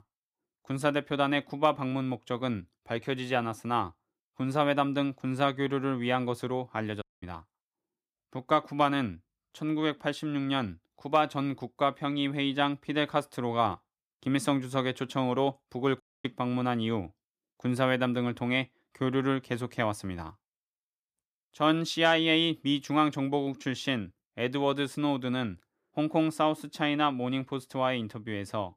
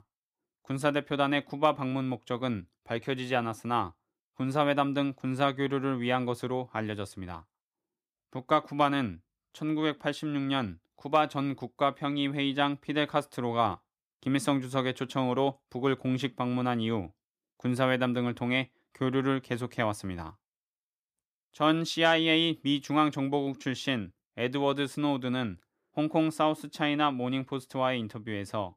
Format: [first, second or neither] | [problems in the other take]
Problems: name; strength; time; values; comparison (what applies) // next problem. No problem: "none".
second | audio cutting out; at 7 s and at 16 s